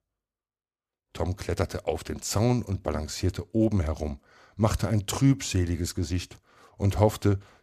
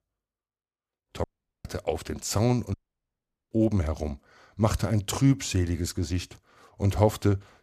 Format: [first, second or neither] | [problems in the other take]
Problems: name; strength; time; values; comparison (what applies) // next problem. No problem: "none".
first | audio cutting out; at 1 s and at 2.5 s for 1 s